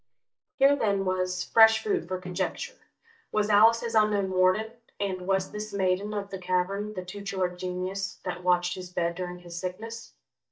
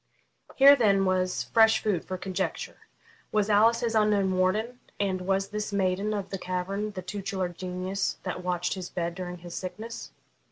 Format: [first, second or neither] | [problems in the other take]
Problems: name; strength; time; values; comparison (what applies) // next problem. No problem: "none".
second | noise reduction (neural mask model DeepFilterNet 3)